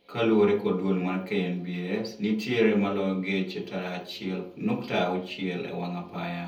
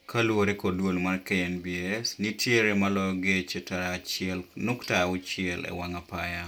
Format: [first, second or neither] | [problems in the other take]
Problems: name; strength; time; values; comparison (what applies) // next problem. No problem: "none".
second | room echo; dies away in 0.7 s